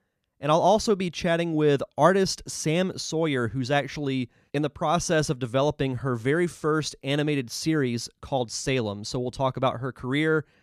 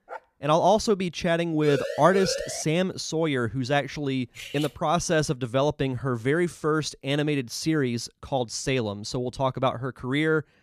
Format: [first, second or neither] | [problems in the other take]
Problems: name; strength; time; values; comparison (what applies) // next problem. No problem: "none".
first | dog barking; faint; at the start; peak 15 dB below the speech // siren; noticeable; from 1.5 to 2.5 s; peak 5 dB below the speech // clattering dishes; faint; at 4.5 s; peak 10 dB below the speech